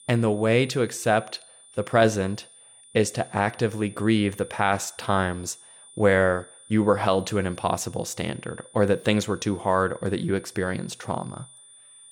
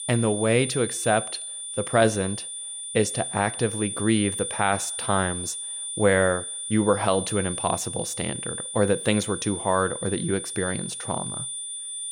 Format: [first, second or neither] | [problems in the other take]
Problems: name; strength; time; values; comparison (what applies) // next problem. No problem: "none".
first | high-pitched whine; loud; throughout; 9.5 kHz, 5 dB below the speech; faint in the first